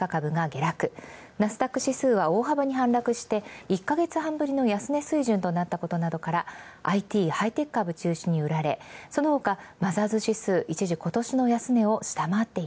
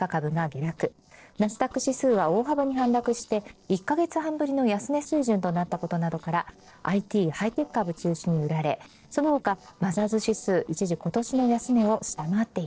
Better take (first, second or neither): first